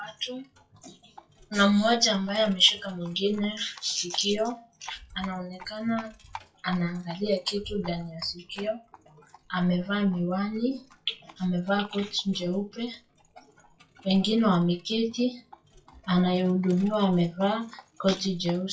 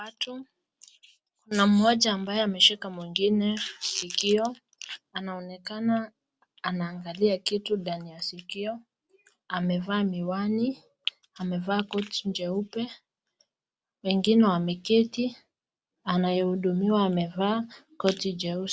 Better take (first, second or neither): second